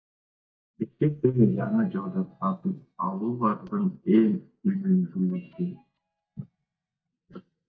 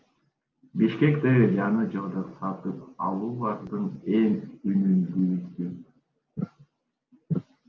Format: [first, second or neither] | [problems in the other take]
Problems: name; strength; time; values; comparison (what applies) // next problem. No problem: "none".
second | noise reduction (neural mask model DeepFilterNet 3)